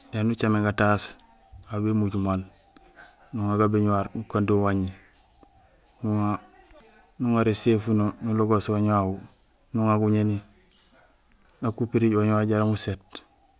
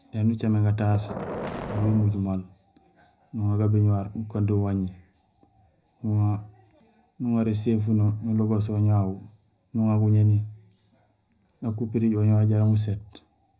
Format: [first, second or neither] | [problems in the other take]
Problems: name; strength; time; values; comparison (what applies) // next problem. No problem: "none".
first | background sound (Boom); 10 dB below the speech // room echo; dies away in 0.4 s